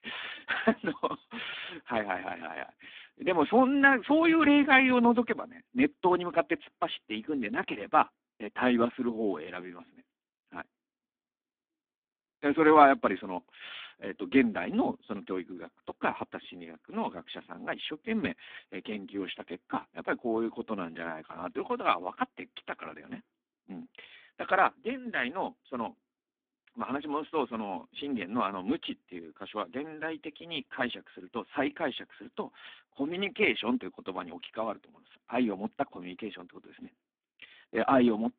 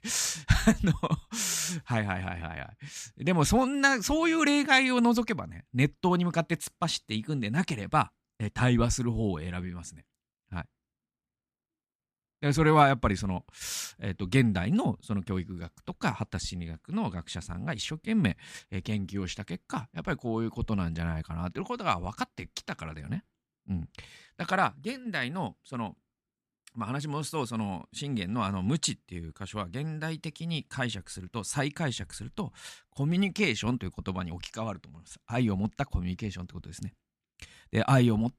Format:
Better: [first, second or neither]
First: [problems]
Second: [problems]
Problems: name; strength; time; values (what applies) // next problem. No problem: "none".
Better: second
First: phone-call audio; poor line; nothing above 3.5 kHz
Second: none